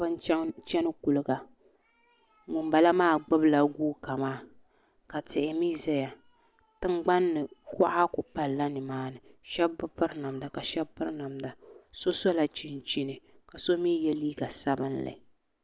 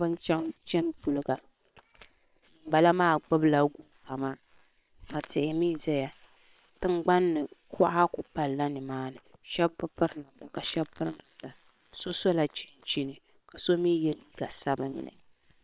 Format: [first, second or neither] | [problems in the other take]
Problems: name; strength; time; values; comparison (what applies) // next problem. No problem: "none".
first | noise reduction (neural separator model SepFormer WHAM!)